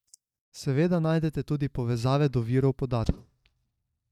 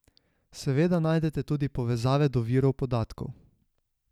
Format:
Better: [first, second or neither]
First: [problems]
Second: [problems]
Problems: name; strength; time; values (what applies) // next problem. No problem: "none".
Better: second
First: noise reduction (neural mask model DeepFilterNet 3)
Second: none